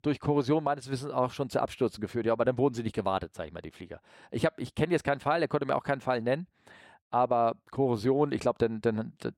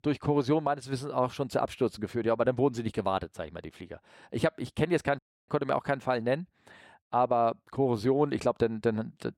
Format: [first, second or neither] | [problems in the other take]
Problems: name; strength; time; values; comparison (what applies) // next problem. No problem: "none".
first | audio cutting out; at 5 s